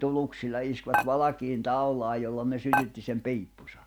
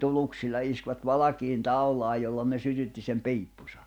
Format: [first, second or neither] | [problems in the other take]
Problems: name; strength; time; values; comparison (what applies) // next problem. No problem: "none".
second | background sound (Dishes, pots, and pans); 3 dB below the speech